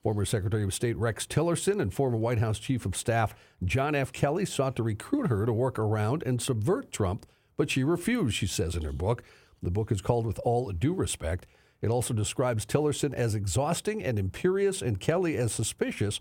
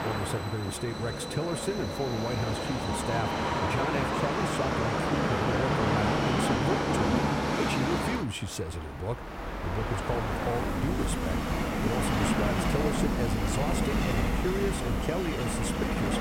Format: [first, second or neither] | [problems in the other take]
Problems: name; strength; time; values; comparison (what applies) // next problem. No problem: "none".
first | train or aircraft noise; very loud; throughout; 4 dB above the speech